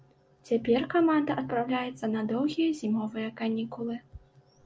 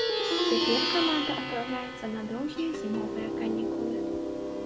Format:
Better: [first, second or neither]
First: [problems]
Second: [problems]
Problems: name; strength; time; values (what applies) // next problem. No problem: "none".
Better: first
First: none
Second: background sound (Plucked string instrument); 3 dB above the speech